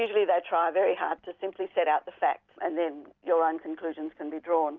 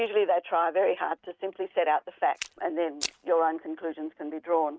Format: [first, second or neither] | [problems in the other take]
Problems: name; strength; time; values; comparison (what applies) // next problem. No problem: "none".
first | noise reduction (neural mask model RNNoise)